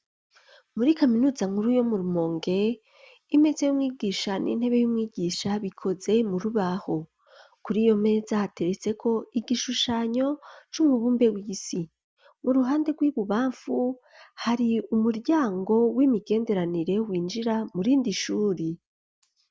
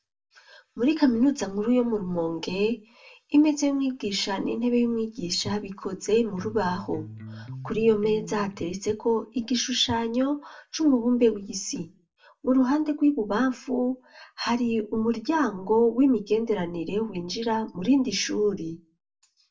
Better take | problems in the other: first | background sound (Electric guitar); 15 dB below the speech // room echo; dies away in 0.2 s

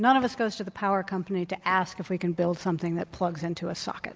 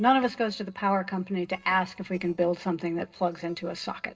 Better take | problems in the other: first | noise reduction (neural separator model SepFormer DNS4)

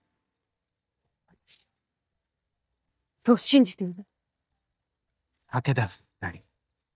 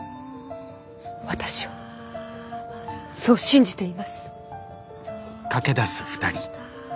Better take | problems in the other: second | noise reduction (neural mask model DeepFilterNet 3)

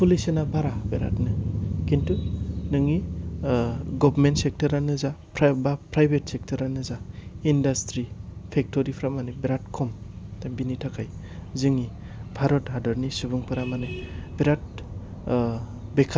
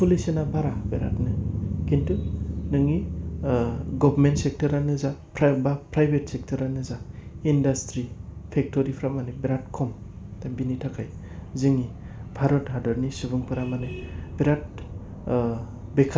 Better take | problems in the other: first | room echo; dies away in 0.4 s

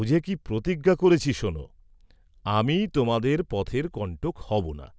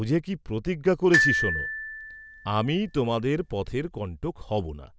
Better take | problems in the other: first | background sound (Glockenspiel); 2 dB below the speech

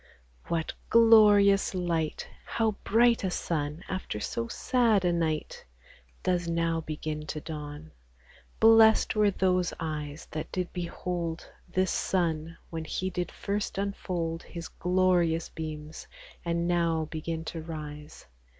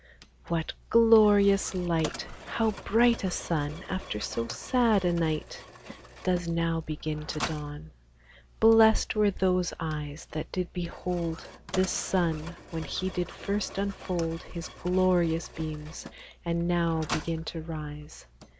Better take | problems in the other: first | background sound (Mechanisms); 17 dB below the speech

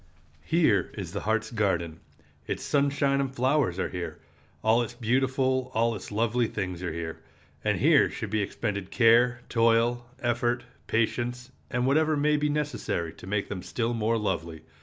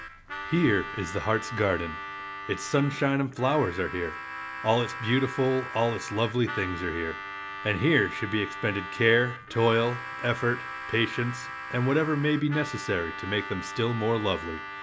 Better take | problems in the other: first | background sound (Harmonica); 10 dB below the speech

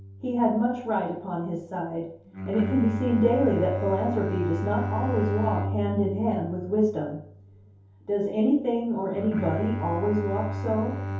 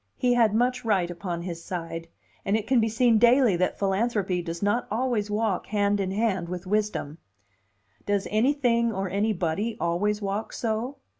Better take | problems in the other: second | background sound (Bowed string instrument); 6 dB below the speech // room echo; dies away in 0.6 s

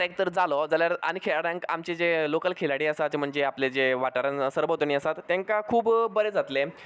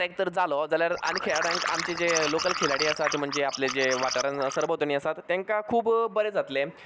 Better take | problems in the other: first | background sound (Liquid); 5 dB below the speech

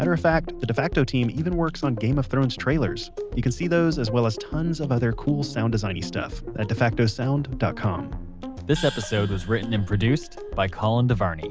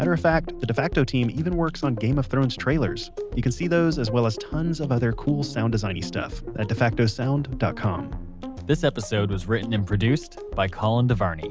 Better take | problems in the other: second | background sound (Gong); 15 dB below the speech

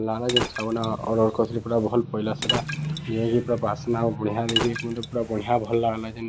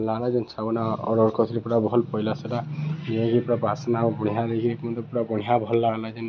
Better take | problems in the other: second | background sound (Liquid); 8 dB below the speech

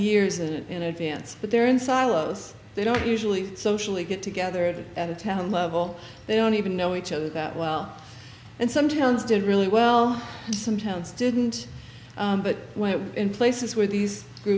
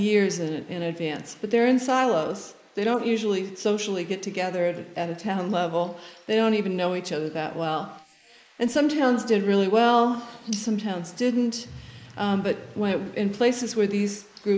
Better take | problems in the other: first | noise reduction (neural mask model Resemble Enhance denoiser)

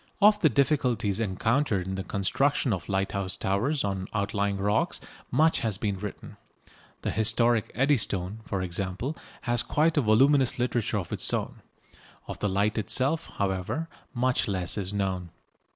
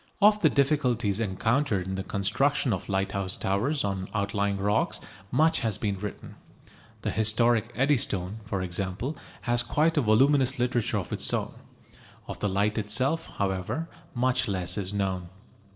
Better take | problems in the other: first | room echo; dies away in 2.2 s

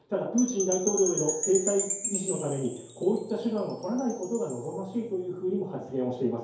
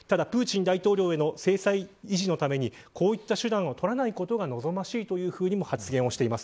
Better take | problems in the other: second | background sound (Wind chime / Percussion); 7 dB below the speech // room echo; dies away in 2.4 s

